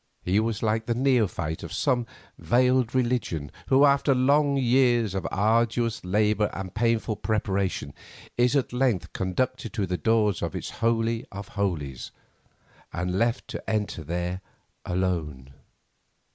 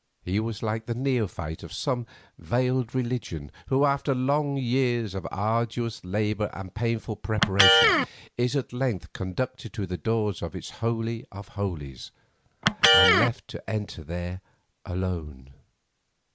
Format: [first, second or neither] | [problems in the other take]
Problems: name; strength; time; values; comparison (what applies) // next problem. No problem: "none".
first | background sound (Electric guitar); 2 dB above the speech